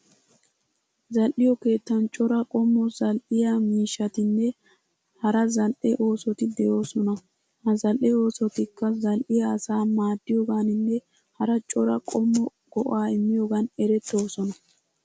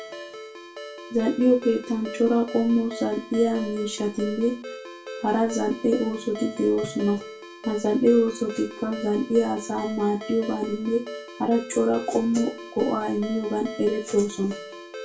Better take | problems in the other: first | background sound (Ringtone); 13 dB below the speech // room echo; dies away in 0.3 s

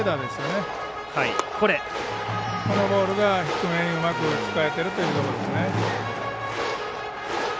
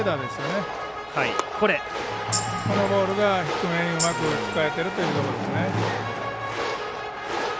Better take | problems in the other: first | background sound (Tambourine); 9 dB below the speech

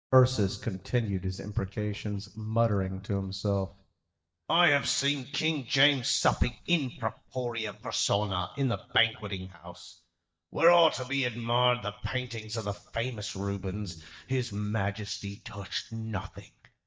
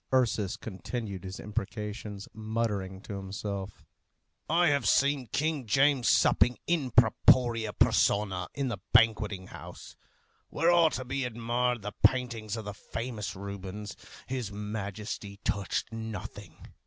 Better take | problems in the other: second | noise reduction (neural mask model DeepFilterNet 3)

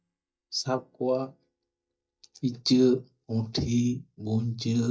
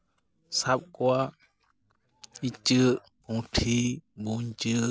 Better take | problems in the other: second | noise reduction (neural mask model DeepFilterNet 3)

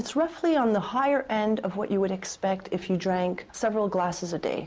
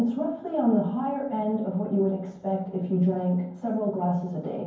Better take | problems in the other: first | room echo; dies away in 0.9 s

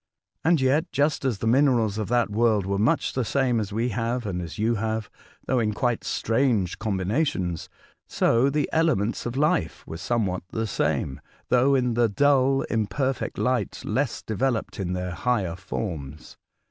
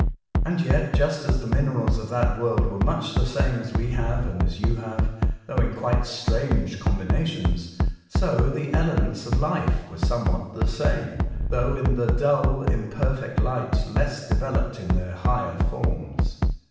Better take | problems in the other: first | background sound (Bass drum); 3 dB above the speech // room echo; dies away in 0.9 s

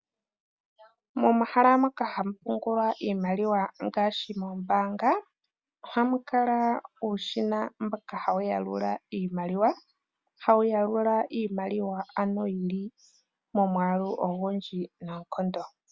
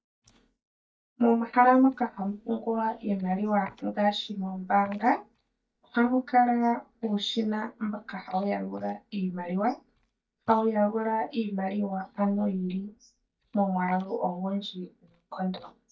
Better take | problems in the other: first | noise reduction (neural mask model DeepFilterNet 3)

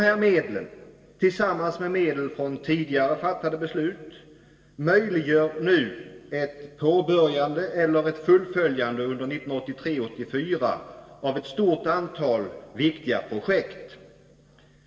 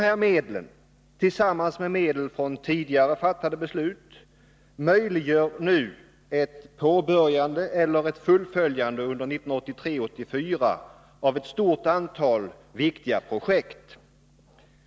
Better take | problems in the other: second | room echo; dies away in 1.5 s

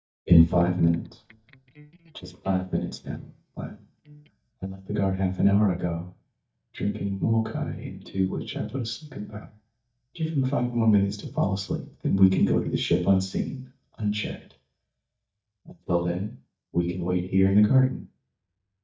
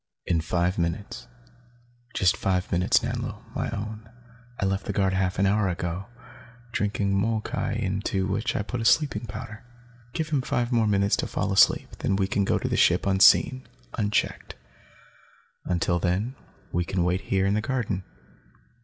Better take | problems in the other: second | noise reduction (neural mask model DeepFilterNet 3)

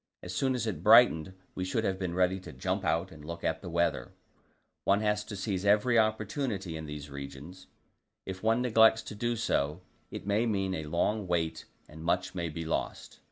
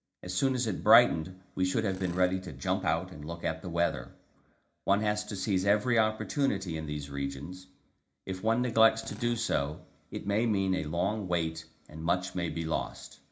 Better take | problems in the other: first | background sound (Drill); 19 dB below the speech // room echo; dies away in 0.4 s

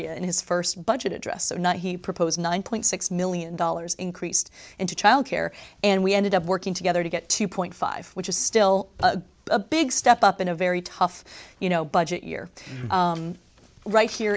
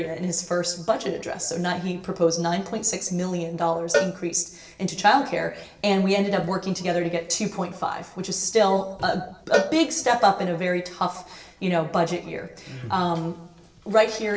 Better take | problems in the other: first | background sound (Cowbell); 6 dB below the speech // room echo; dies away in 0.7 s

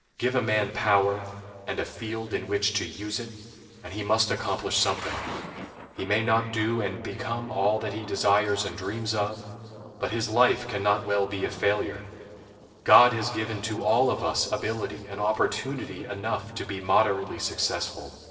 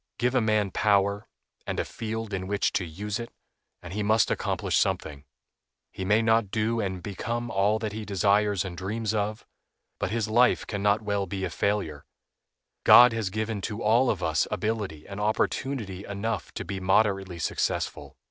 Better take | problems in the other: second | noise reduction (neural separator model SepFormer DNS4)

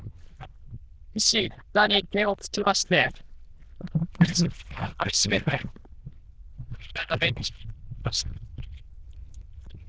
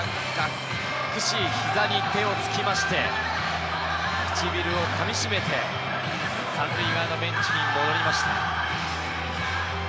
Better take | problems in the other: second | noise reduction (neural diffusion model UNIVERSE++)

